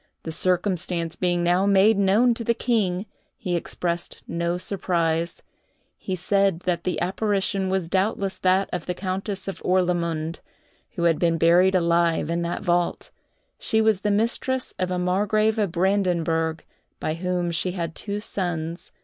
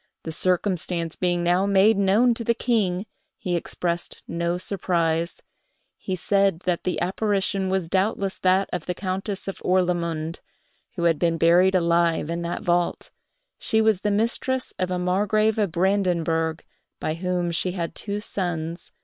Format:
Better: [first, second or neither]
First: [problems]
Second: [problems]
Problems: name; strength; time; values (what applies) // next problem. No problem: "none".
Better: first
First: none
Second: noise reduction (neural separator model SepFormer WHAM!)